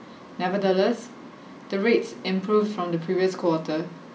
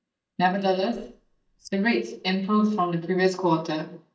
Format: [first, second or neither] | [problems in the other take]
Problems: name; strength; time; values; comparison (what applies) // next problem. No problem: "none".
first | noise reduction (neural mask model DeepFilterNet 3)